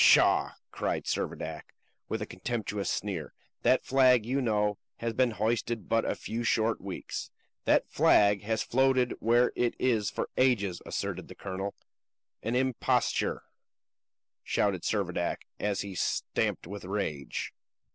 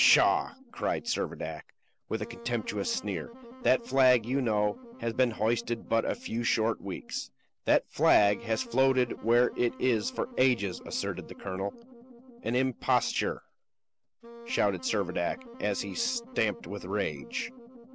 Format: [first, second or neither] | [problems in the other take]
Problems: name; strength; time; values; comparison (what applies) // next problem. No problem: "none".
first | background sound (Wind instrument, woodwind instrument); 18 dB below the speech